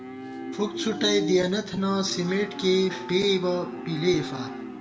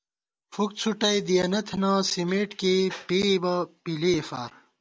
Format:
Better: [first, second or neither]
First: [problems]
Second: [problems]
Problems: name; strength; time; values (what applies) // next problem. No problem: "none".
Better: second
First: background sound (Livestock, farm animals, working animals); 9 dB below the speech // room echo; dies away in 0.6 s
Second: none